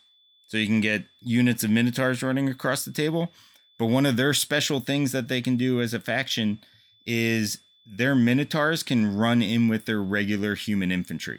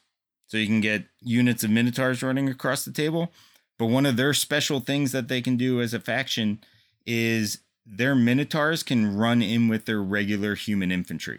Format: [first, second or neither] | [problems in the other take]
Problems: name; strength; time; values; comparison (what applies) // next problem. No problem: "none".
second | high-pitched whine; faint; throughout; 3.5 kHz, 35 dB below the speech